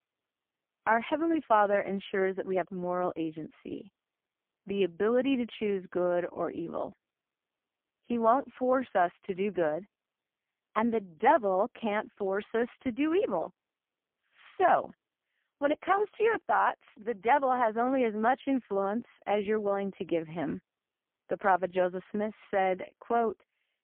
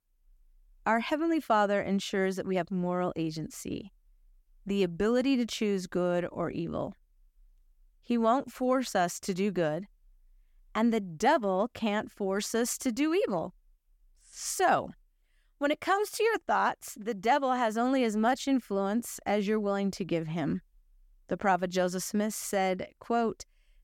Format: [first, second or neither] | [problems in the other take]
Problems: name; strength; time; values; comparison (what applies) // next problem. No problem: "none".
second | phone-call audio; poor line; nothing above 3 kHz